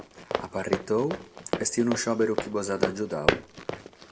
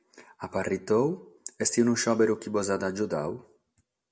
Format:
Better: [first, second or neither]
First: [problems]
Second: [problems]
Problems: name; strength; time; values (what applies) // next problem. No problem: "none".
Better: second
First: background sound (Run); 2 dB below the speech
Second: none